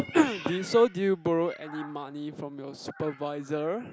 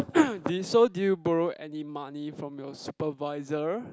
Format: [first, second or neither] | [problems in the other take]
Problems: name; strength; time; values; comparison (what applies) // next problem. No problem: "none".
second | background sound (Meow); 18 dB below the speech